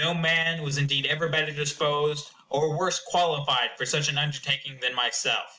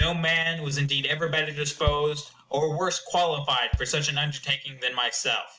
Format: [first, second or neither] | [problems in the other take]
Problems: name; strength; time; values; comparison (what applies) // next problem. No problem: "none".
first | background sound (Bass drum); 10 dB below the speech